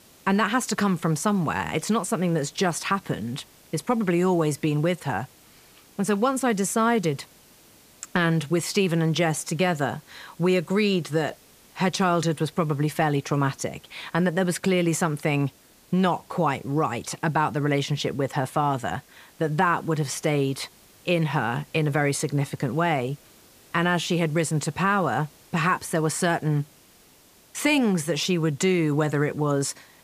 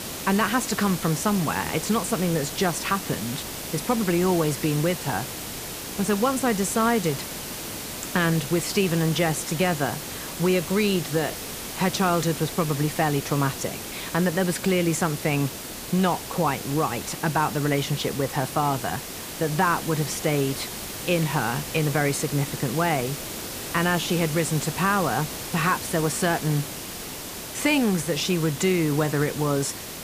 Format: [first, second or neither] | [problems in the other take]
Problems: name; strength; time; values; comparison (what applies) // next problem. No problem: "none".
first | hiss; loud; throughout; 7 dB below the speech; faint in the first